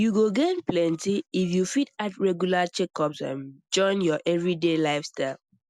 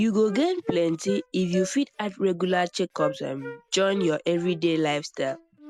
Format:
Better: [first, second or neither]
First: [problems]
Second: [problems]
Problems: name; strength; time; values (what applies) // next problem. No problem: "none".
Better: first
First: none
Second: background sound (Wind instrument, woodwind instrument); 13 dB below the speech